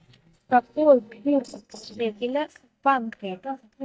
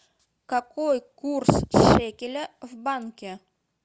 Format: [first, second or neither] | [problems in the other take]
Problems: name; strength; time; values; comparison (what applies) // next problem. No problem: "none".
second | noise reduction (neural mask model DeepFilterNet 3)